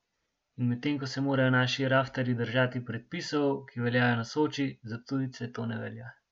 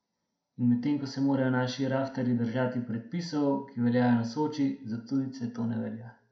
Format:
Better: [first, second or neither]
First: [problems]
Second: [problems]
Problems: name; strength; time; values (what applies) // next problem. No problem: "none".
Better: first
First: none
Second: room echo; dies away in 0.4 s